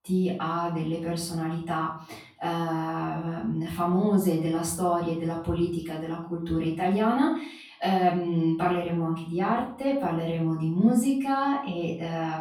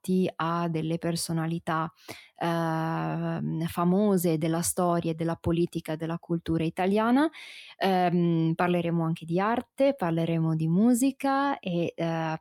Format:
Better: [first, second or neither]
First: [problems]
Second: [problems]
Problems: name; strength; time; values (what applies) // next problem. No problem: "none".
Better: second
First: off-mic speech; far // room echo; noticeable; dies away in 0.4 s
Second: none